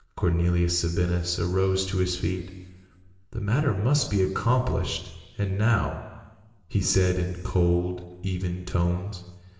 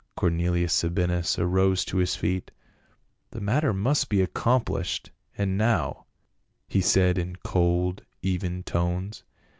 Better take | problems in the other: second | room echo; dies away in 1.4 s

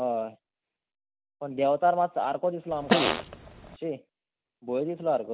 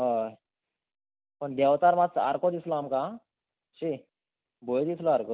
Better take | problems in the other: second | background sound (Fart); 1 dB above the speech

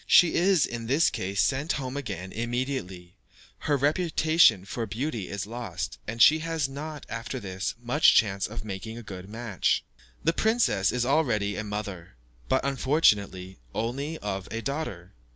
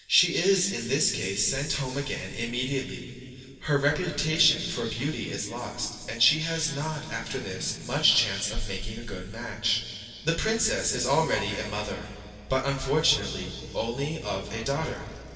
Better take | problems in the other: first | background sound (Strum); 15 dB below the speech // room echo; dies away in 2.6 s

